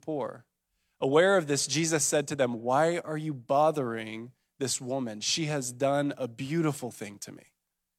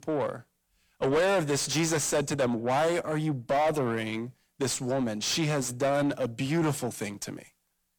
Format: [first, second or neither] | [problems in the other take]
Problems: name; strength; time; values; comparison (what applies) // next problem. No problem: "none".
first | distortion; heavy; 6 dB below the speech